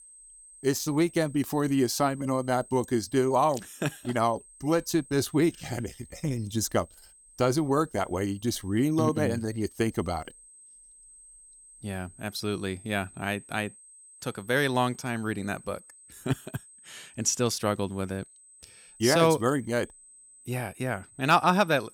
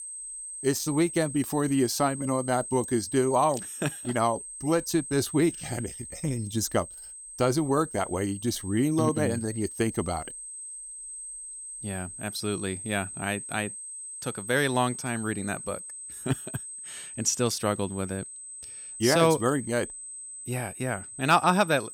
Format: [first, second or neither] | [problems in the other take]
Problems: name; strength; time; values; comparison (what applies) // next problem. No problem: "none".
first | high-pitched whine; loud; throughout; 8.5 kHz, 10 dB below the speech; faint in the first